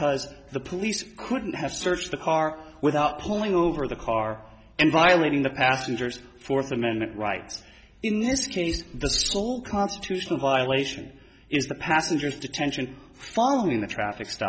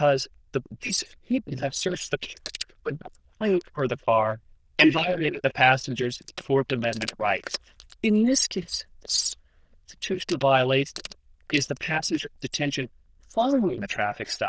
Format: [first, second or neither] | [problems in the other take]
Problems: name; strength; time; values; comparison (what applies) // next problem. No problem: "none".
first | noise reduction (neural diffusion model UNIVERSE++)